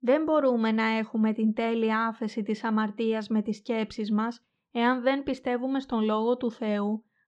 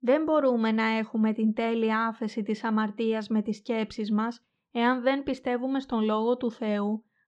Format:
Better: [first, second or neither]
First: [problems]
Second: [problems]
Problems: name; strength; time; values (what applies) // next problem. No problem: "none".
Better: neither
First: muffled; slightly; fading above 4 kHz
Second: muffled; slightly; fading above 4 kHz